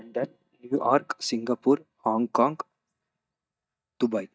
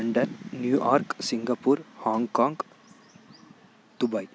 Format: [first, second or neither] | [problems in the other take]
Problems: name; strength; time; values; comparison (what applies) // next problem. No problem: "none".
second | noise reduction (neural mask model DeepFilterNet 3)